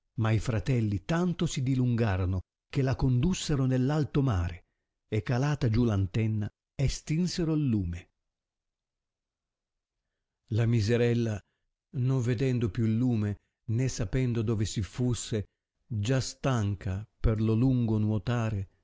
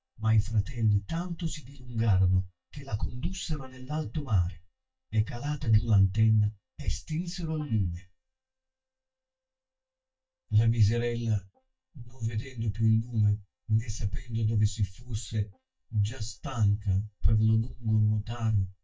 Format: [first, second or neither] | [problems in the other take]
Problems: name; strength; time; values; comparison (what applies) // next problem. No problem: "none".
first | noise reduction (neural mask model DeepFilterNet 3)